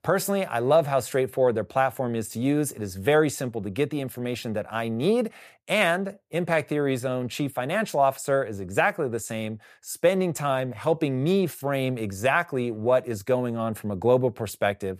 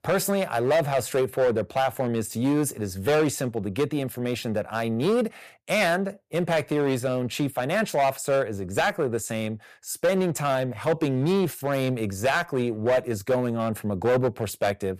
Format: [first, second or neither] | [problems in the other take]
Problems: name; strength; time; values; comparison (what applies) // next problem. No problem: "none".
first | distortion; slight; 8% of the sound clipped